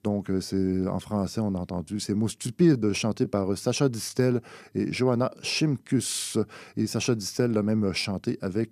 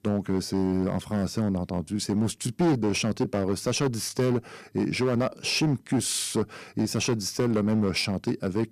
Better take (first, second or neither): first